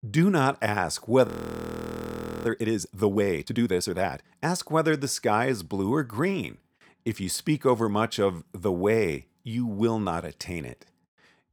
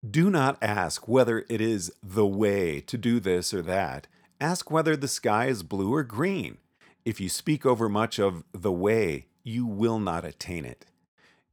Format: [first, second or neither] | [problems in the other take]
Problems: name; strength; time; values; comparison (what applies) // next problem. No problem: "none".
second | audio freezing; at 1.5 s for 1 s